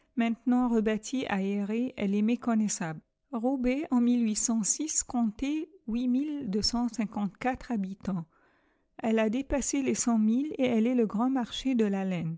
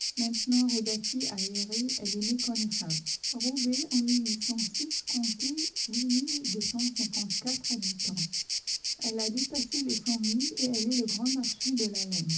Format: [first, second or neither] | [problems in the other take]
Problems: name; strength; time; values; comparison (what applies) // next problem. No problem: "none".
first | background sound (Insect); as loud as the speech // room echo; dies away in 0.4 s